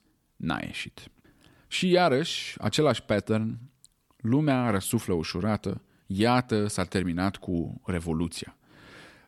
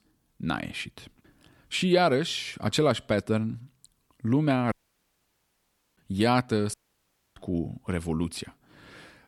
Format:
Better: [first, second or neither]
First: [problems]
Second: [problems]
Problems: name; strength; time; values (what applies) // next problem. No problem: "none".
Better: first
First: none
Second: audio cutting out; at 4.5 s for 1.5 s and at 6.5 s for 0.5 s